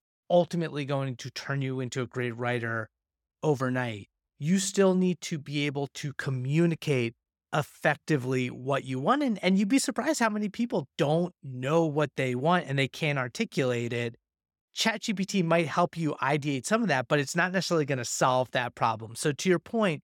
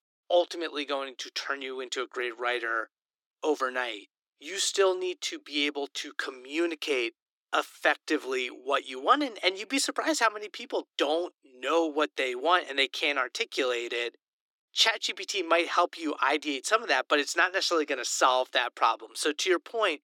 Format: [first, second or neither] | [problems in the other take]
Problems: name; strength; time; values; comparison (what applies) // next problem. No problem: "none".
first | thin; somewhat; fading below 300 Hz